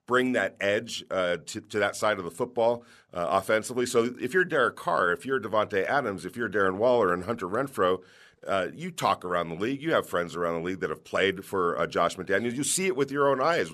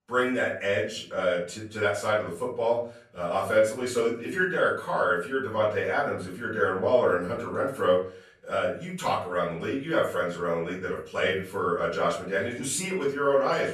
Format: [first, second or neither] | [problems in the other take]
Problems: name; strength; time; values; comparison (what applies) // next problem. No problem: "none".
first | off-mic speech; far // room echo; slight; dies away in 0.4 s